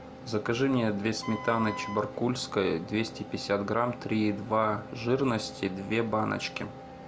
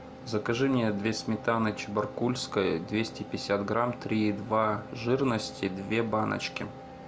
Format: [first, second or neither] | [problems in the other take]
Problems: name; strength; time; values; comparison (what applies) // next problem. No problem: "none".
second | background sound (Wind instrument, woodwind instrument); 12 dB below the speech